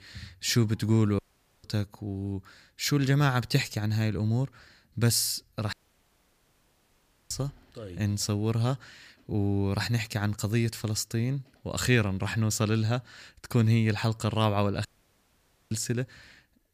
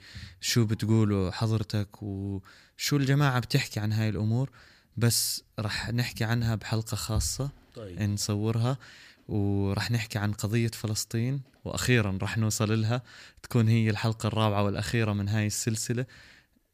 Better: second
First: audio cutting out; at 1 s, at 5.5 s for 1.5 s and at 15 s for 1 s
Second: none

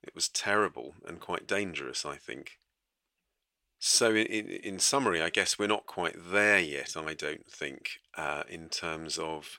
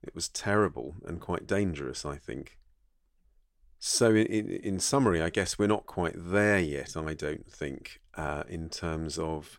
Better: second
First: thin; somewhat; fading below 700 Hz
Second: none

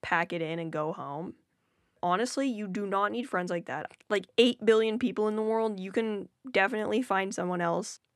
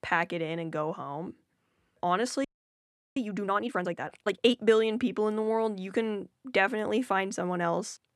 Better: first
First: none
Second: audio freezing; at 2.5 s for 0.5 s

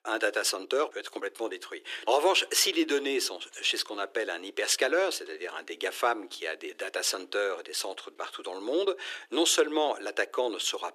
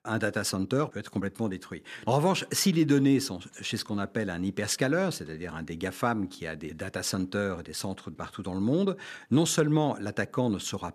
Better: second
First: thin; very; fading below 350 Hz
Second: none

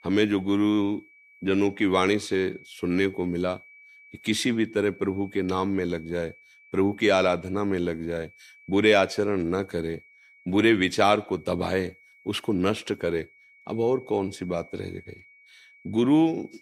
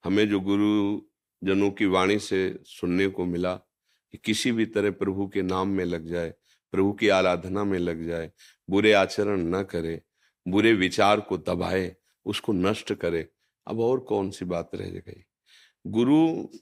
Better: second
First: high-pitched whine; faint; throughout; 2.5 kHz, 25 dB below the speech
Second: none

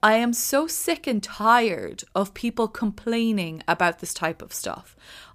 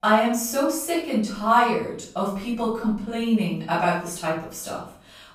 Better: first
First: none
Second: off-mic speech; far // room echo; noticeable; dies away in 0.5 s

